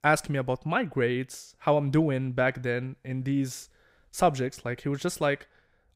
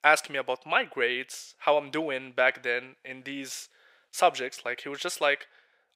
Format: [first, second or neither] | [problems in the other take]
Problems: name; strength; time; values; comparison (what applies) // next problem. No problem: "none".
first | thin; very; fading below 550 Hz